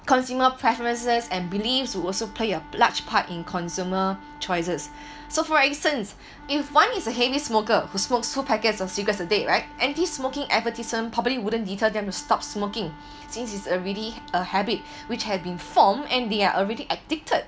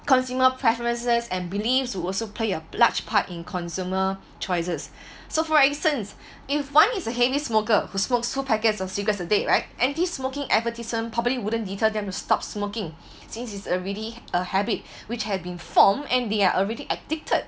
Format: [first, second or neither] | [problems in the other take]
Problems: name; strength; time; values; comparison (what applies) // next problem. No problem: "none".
second | background sound (Wind instrument, woodwind instrument); 20 dB below the speech